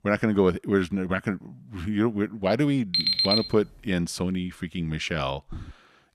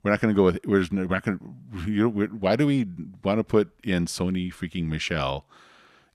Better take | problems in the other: second | alarm; loud; at 3 s; peak 6 dB above the speech // footsteps; faint; at 5.5 s; peak 15 dB below the speech

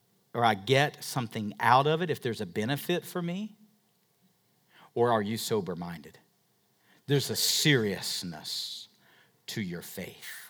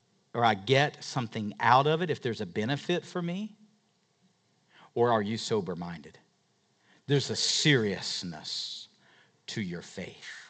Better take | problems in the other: first | garbled, watery; slightly; nothing above 8 kHz

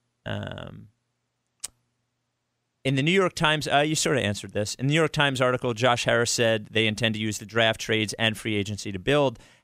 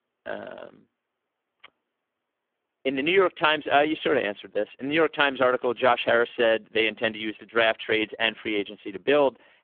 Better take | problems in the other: first | phone-call audio; poor line; nothing above 3.5 kHz

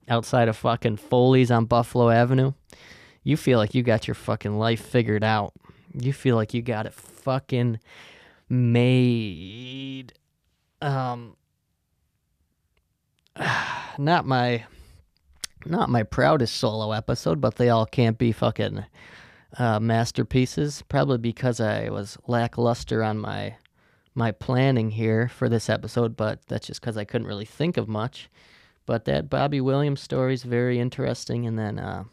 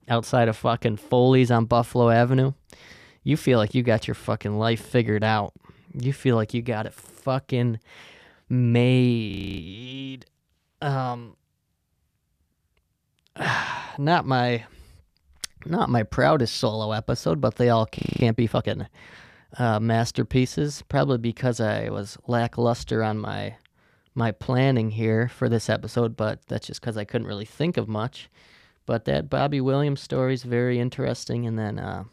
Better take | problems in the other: first | audio freezing; at 9.5 s and at 18 s

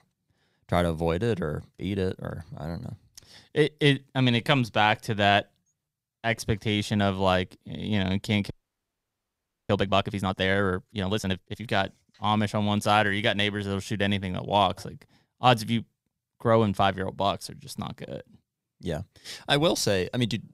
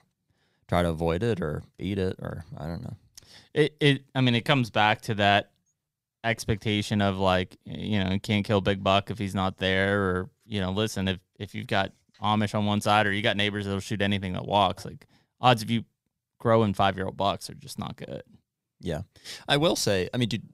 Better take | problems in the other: second | audio freezing; at 8.5 s for 1 s

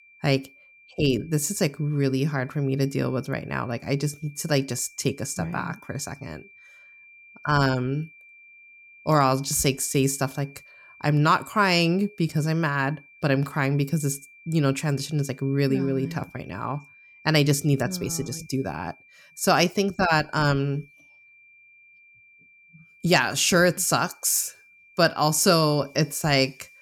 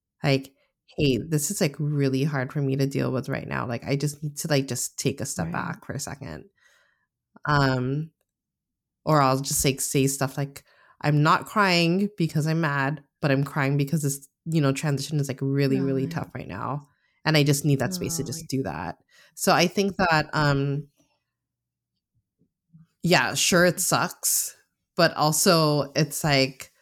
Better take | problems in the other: second | high-pitched whine; faint; throughout; 2.5 kHz, 25 dB below the speech

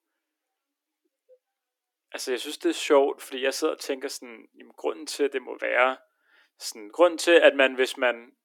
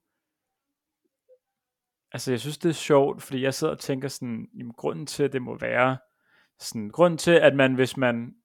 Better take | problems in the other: second | thin; somewhat; fading below 300 Hz

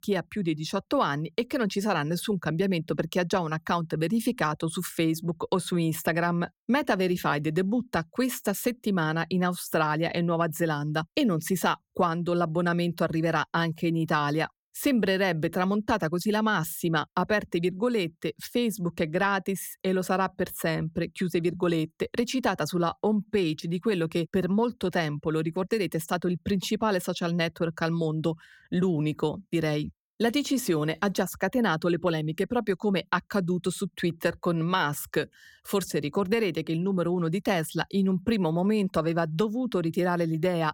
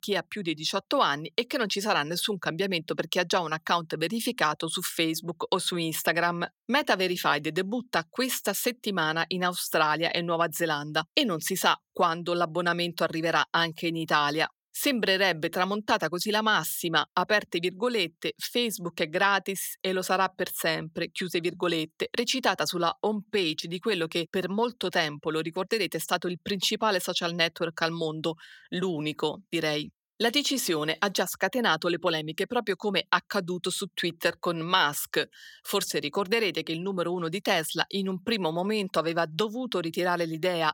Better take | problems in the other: first | thin; somewhat; fading below 1 kHz

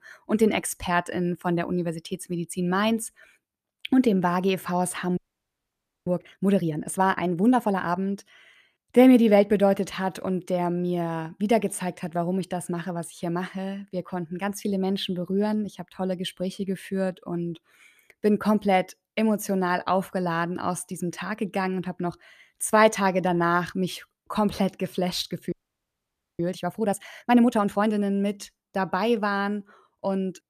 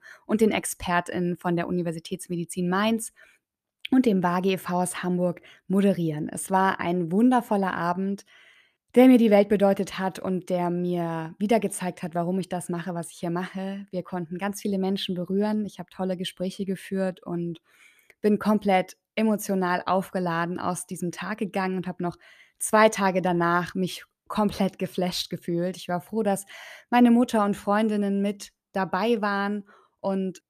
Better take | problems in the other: second | audio freezing; at 5 s for 1 s and at 26 s for 1 s

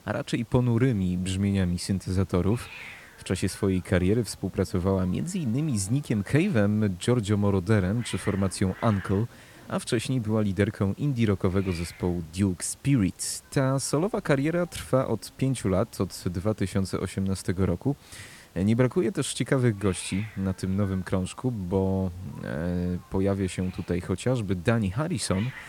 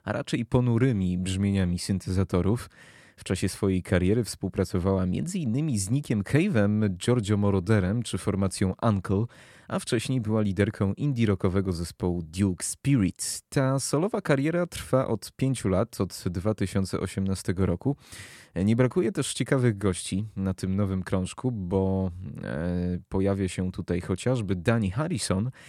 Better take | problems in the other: second | hiss; faint; throughout; 20 dB below the speech

